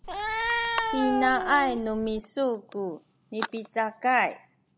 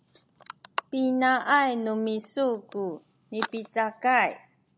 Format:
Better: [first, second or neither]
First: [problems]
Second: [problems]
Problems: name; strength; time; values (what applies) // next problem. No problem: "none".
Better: second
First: background sound (Cat); 2 dB below the speech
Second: none